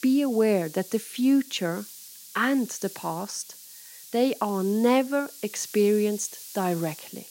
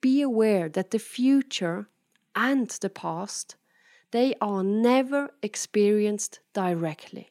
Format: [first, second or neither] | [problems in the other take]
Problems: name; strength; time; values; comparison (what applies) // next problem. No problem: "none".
second | hiss; noticeable; throughout; 15 dB below the speech